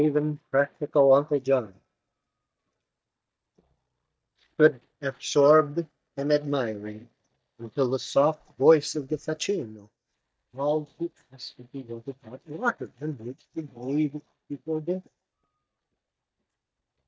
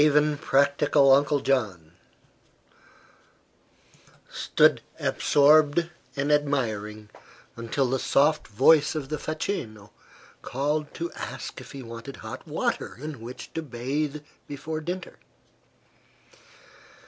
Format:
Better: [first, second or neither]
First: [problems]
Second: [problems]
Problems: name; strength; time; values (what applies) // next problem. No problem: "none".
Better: second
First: noise reduction (neural mask model DeepFilterNet 3)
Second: none